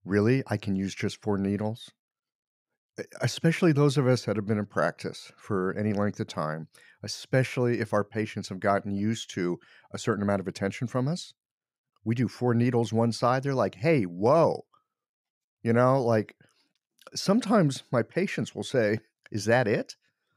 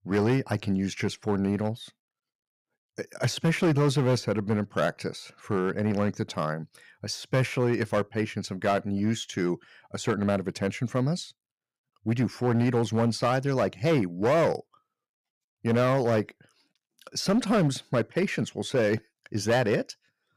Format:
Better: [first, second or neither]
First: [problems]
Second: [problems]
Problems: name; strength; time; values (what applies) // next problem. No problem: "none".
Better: first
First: none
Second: distortion; slight; 6% of the sound clipped